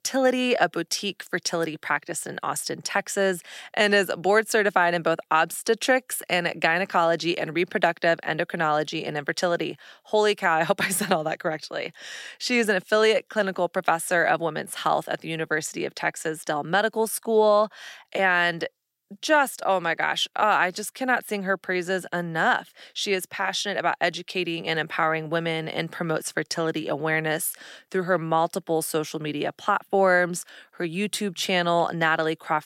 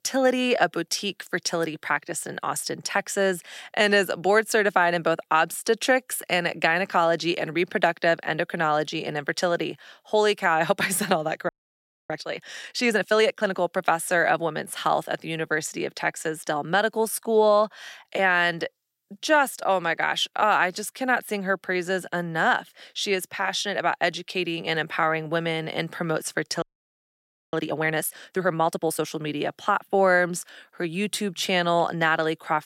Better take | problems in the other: first | audio freezing; at 11 s for 0.5 s and at 27 s for 1 s

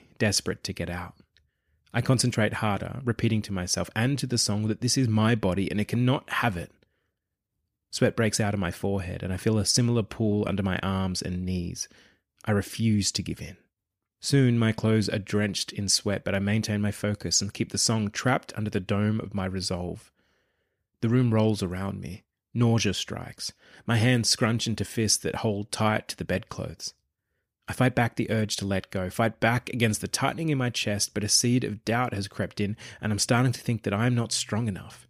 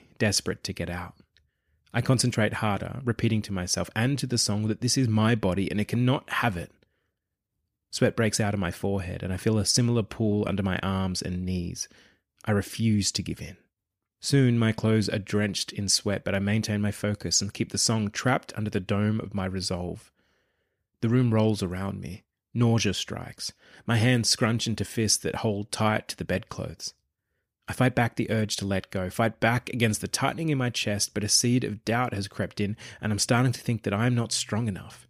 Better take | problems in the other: neither | none

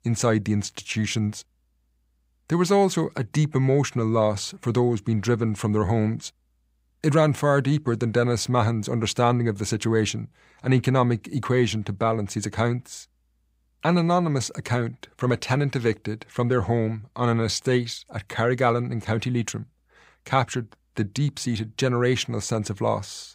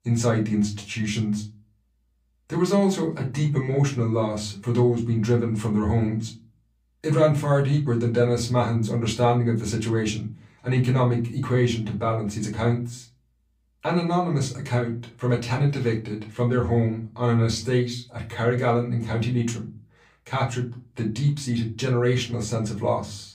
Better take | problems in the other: first | off-mic speech; far // room echo; very slight; dies away in 0.3 s

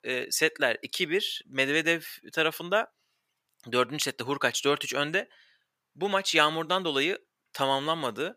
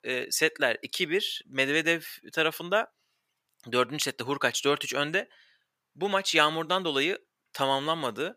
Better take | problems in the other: neither | thin; somewhat; fading below 1 kHz; the same in both

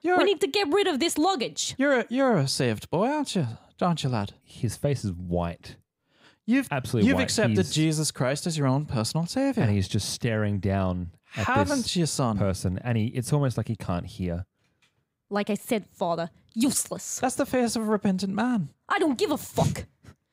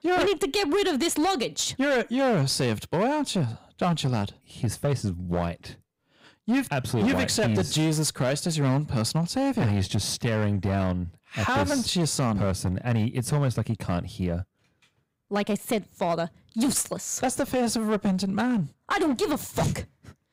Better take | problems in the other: first | distortion; slight; 13% of the sound clipped

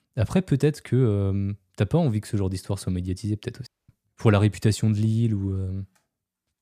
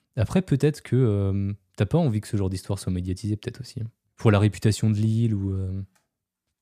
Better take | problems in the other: second | audio cutting out; at 3.5 s

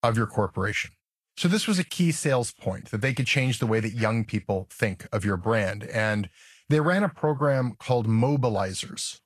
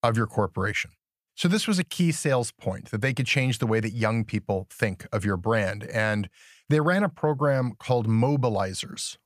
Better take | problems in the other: second | garbled, watery; slightly; nothing above 12.5 kHz

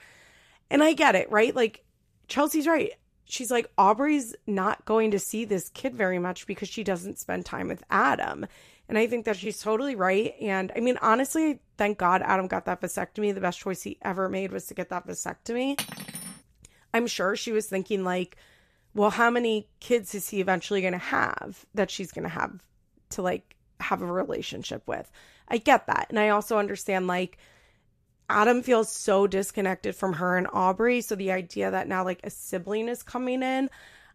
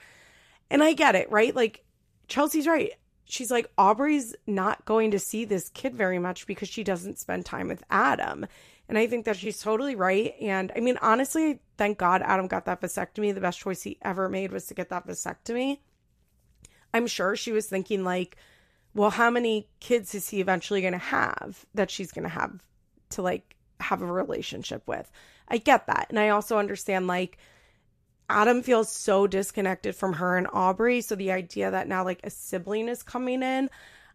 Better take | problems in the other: second | clattering dishes; noticeable; at 16 s; peak 7 dB below the speech

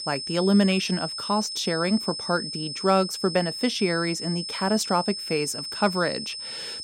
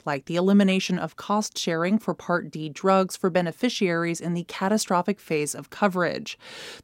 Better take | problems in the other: second | high-pitched whine; loud; throughout; 5 kHz, 6 dB below the speech

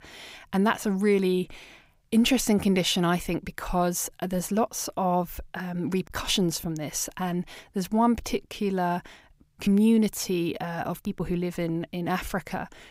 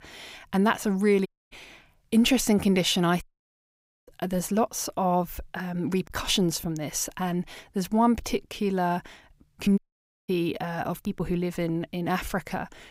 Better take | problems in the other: first | audio cutting out; at 1.5 s, at 3 s for 1 s and at 10 s for 0.5 s

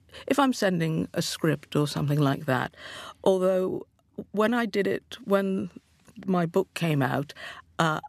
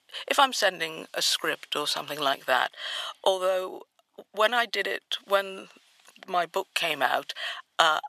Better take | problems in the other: first | thin; very; fading below 800 Hz

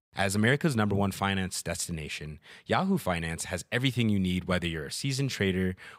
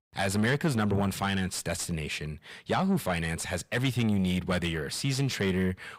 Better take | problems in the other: first | distortion; slight; 10 dB below the speech

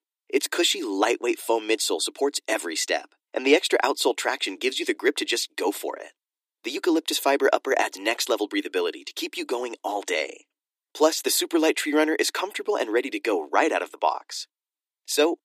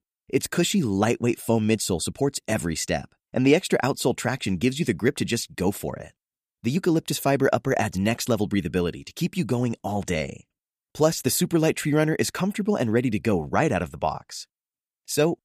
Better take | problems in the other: second | thin; somewhat; fading below 300 Hz

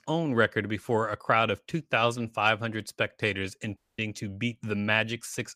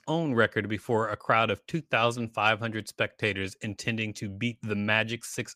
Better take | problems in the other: second | audio cutting out; at 4 s

